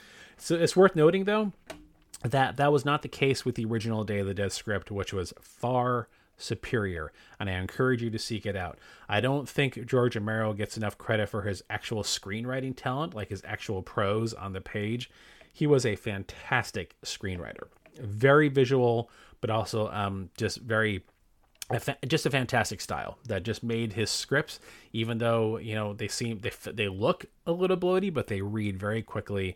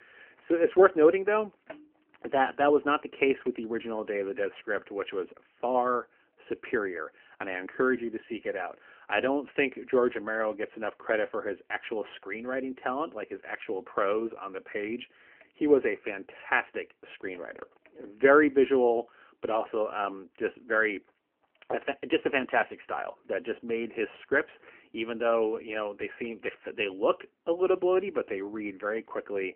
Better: first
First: none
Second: phone-call audio; nothing above 3 kHz

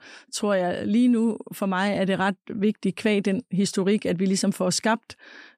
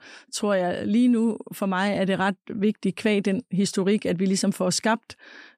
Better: neither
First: none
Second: none

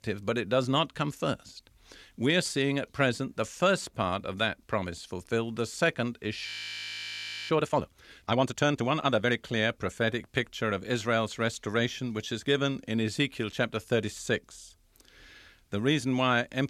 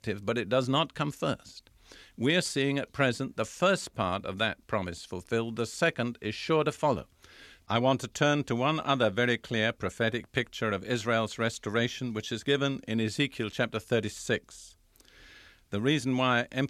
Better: second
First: audio freezing; at 6.5 s for 1 s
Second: none

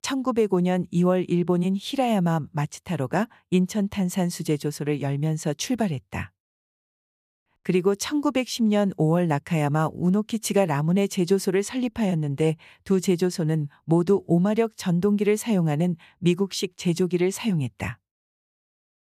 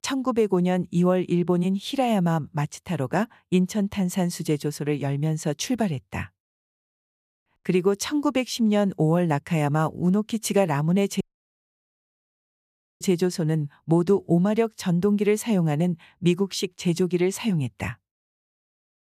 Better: first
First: none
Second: audio cutting out; at 11 s for 2 s

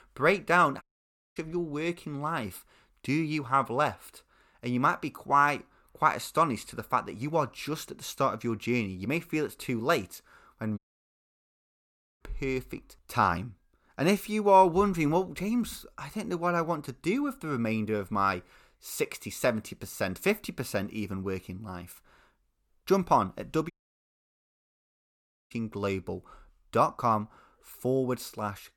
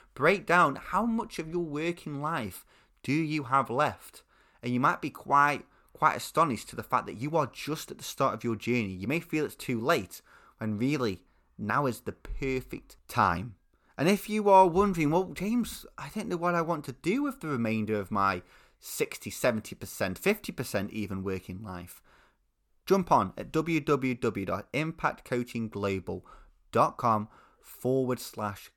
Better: second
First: audio cutting out; at 1 s for 0.5 s, at 11 s for 1.5 s and at 24 s for 2 s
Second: none

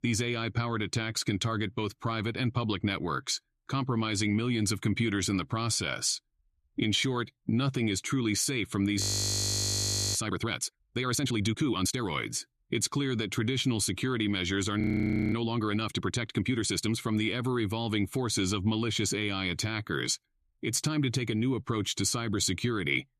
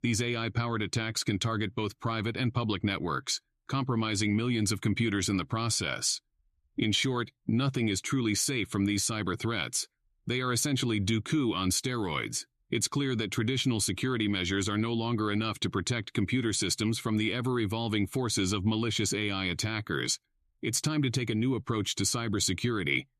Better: second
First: audio freezing; at 9 s for 1 s and at 15 s for 0.5 s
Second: none

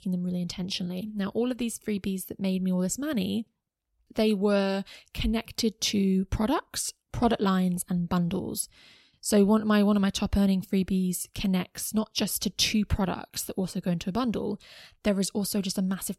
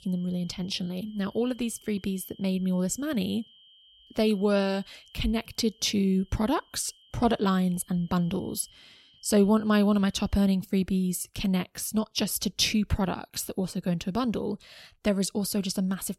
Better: first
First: none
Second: high-pitched whine; faint; until 11 s; 3 kHz, 30 dB below the speech

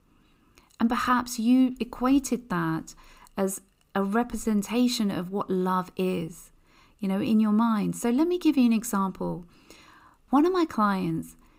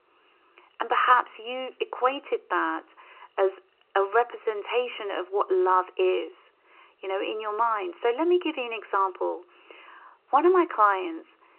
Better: first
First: none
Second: phone-call audio

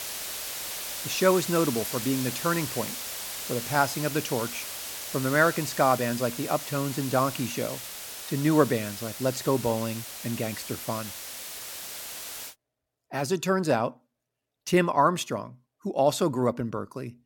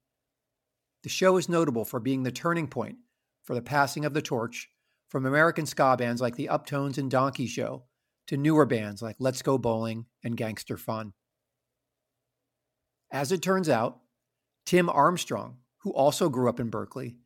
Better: second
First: hiss; loud; until 13 s; 7 dB below the speech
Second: none

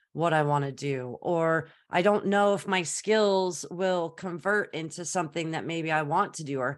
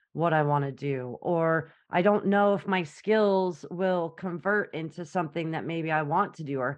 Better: first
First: none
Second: muffled; very; fading above 2.5 kHz

